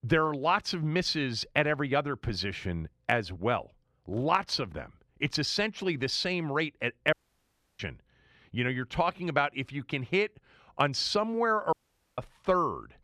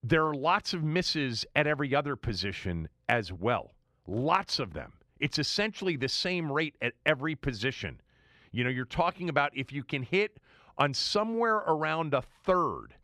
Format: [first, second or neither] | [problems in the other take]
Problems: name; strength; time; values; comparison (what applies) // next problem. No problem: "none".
second | audio cutting out; at 7 s for 0.5 s and at 12 s